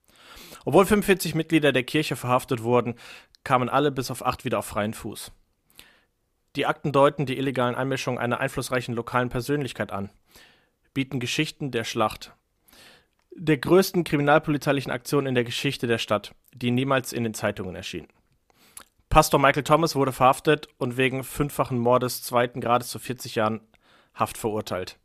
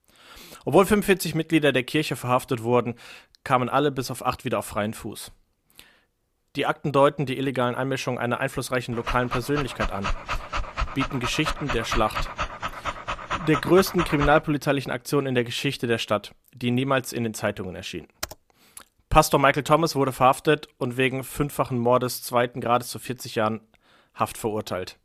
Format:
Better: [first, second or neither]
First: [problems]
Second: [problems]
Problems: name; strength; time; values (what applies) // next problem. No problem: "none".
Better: first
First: none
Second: dog barking; noticeable; from 9 to 14 s; peak 4 dB below the speech // keyboard typing; faint; at 18 s; peak 10 dB below the speech